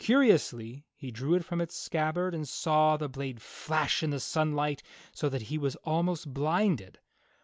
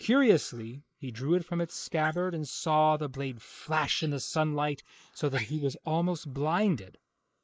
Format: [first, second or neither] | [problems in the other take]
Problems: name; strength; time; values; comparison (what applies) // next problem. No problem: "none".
first | noise reduction (neural mask model Resemble Enhance denoiser)